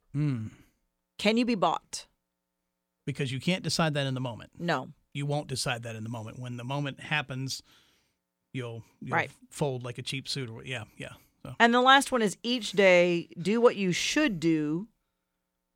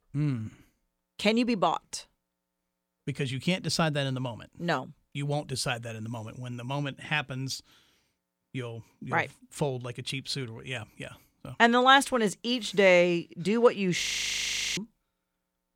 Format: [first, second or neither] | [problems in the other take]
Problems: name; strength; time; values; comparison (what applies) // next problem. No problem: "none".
first | audio freezing; at 14 s for 0.5 s